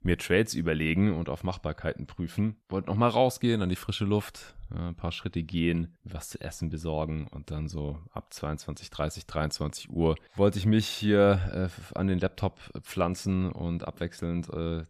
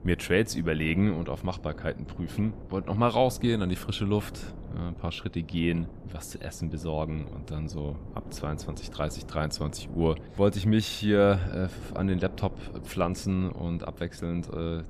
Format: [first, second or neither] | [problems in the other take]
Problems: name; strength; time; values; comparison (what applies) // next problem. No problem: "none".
first | wind noise on the microphone; occasional gusts; 20 dB below the speech